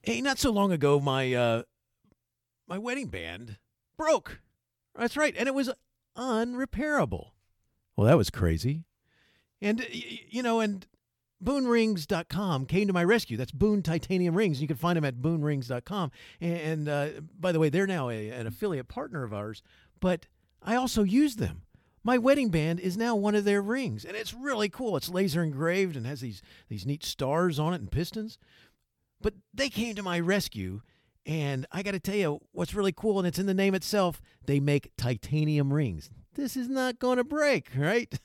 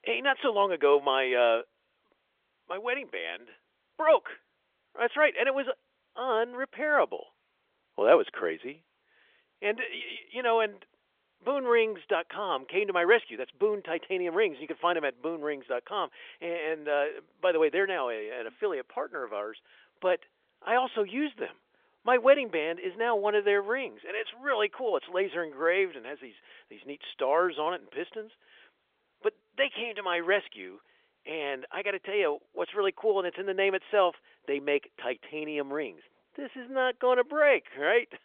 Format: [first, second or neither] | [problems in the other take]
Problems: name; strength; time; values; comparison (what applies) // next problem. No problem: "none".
first | phone-call audio; nothing above 3.5 kHz